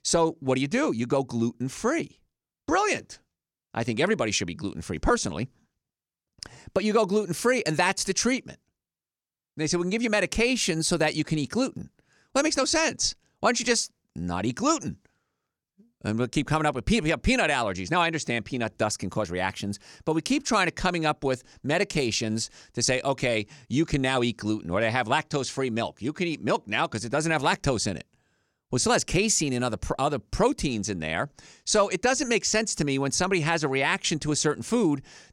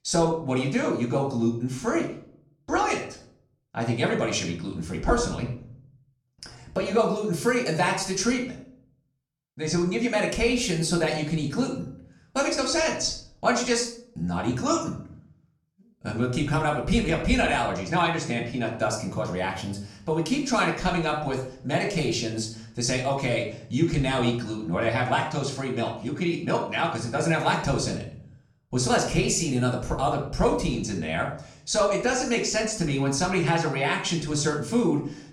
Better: first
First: none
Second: off-mic speech; far // room echo; slight; dies away in 0.5 s

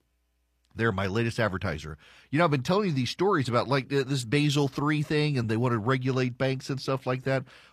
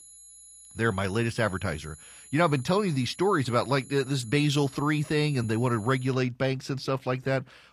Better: first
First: none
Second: high-pitched whine; faint; until 6 s; 11 kHz, 20 dB below the speech

